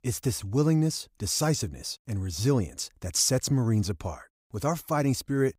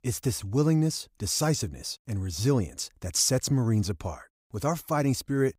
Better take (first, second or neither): neither